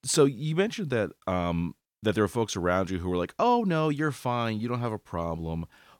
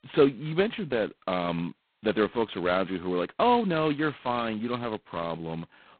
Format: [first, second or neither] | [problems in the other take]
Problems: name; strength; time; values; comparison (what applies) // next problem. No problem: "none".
first | phone-call audio; poor line; nothing above 4 kHz